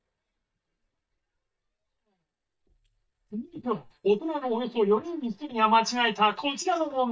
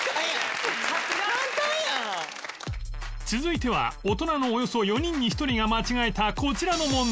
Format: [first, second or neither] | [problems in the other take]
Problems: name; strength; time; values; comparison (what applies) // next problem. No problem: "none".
second | noise reduction (neural mask model DeepFilterNet 3)